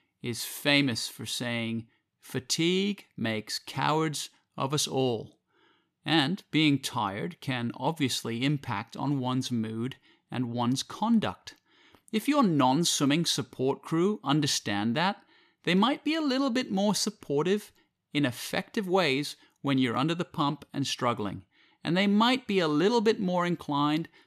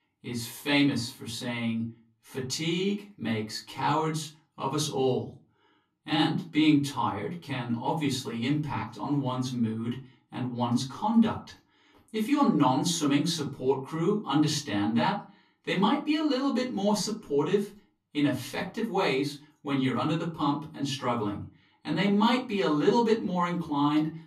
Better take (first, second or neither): first